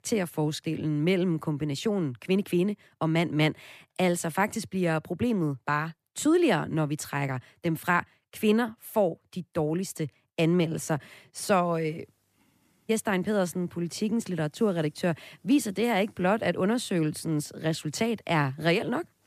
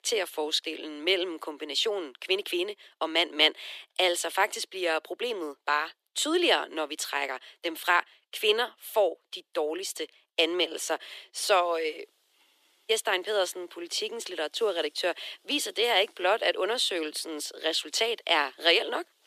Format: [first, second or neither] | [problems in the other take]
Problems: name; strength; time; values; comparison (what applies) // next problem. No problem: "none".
first | thin; very; fading below 350 Hz